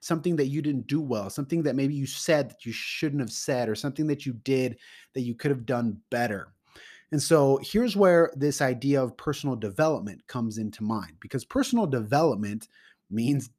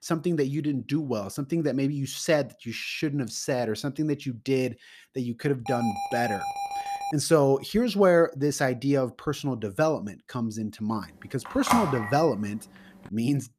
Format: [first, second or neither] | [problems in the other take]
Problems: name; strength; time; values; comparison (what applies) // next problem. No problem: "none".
first | alarm; noticeable; from 5.5 to 7 s; peak 5 dB below the speech // phone ringing; loud; at 11 s; peak 1 dB above the speech